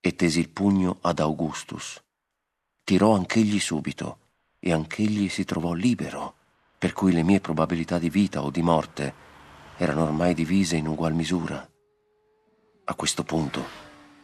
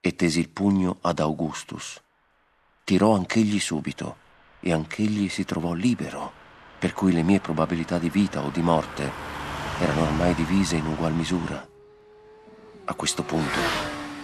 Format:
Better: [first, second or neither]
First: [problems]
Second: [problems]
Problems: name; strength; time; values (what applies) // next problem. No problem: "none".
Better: first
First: traffic noise; faint; throughout; 25 dB below the speech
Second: traffic noise; loud; throughout; 8 dB below the speech